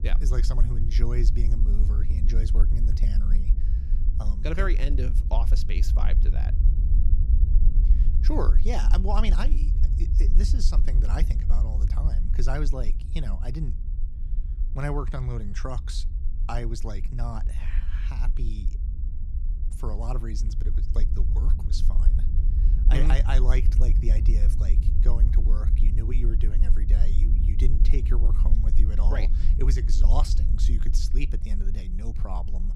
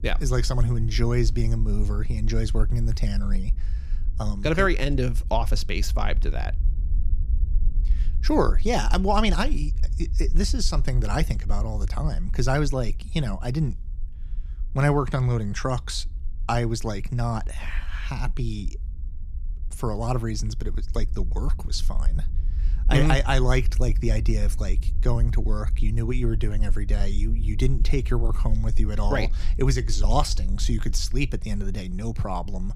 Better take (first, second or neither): second